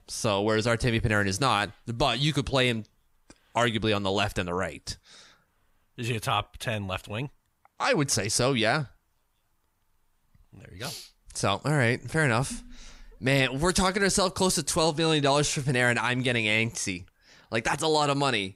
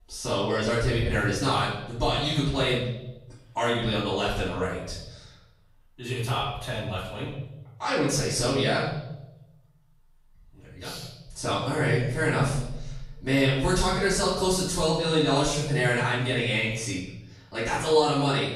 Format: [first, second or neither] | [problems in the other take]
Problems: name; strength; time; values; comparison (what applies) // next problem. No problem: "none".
first | off-mic speech; far // room echo; noticeable; dies away in 0.8 s